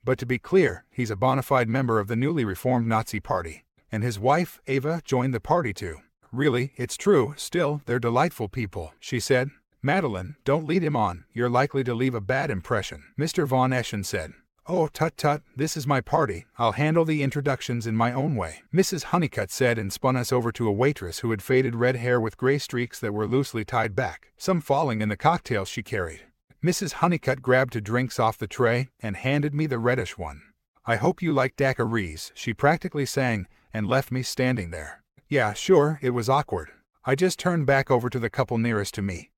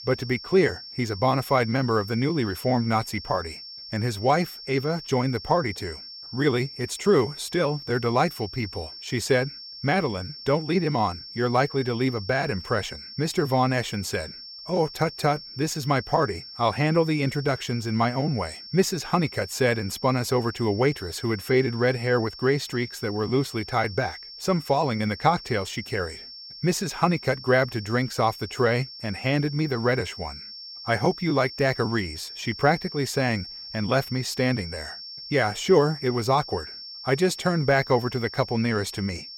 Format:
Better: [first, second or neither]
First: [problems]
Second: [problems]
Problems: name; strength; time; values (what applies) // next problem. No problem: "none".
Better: first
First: none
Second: high-pitched whine; noticeable; throughout; 5.5 kHz, 15 dB below the speech